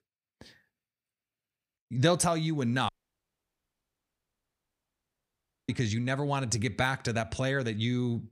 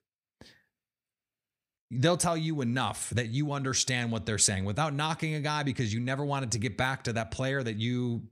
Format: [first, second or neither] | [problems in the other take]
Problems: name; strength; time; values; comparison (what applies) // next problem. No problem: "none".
second | audio cutting out; at 3 s for 3 s